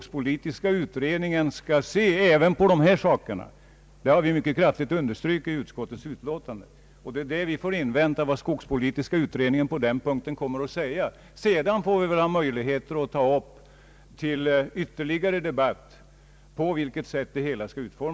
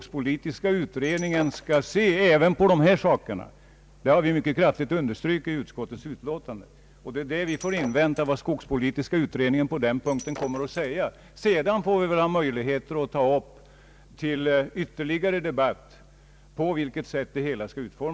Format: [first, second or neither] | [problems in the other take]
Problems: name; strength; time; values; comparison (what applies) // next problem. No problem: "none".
first | background sound (Shatter); 19 dB below the speech